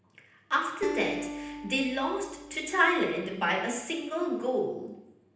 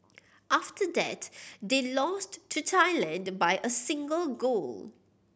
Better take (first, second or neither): second